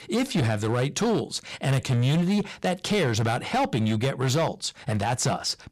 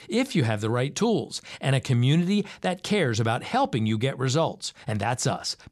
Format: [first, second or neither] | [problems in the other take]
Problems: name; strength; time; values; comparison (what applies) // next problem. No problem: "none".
second | distortion; slight; 15% of the sound clipped